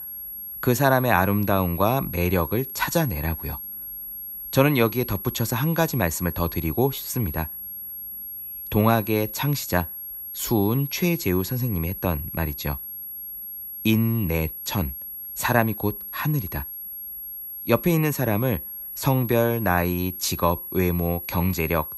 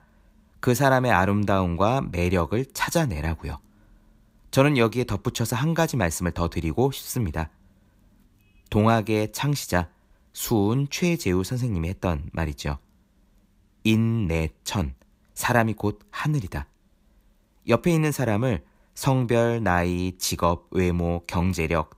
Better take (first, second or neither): second